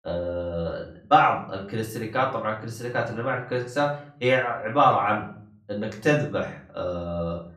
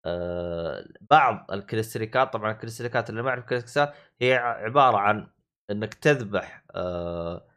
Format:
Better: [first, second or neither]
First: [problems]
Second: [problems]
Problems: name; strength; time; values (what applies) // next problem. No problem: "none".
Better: second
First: off-mic speech; far // room echo; slight; dies away in 0.5 s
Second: none